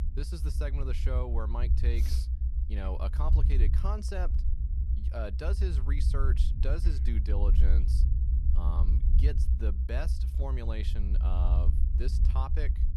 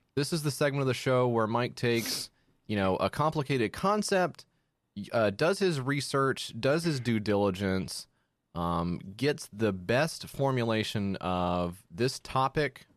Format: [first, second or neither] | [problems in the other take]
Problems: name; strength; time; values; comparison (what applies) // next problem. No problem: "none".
second | low rumble; loud; throughout; 6 dB below the speech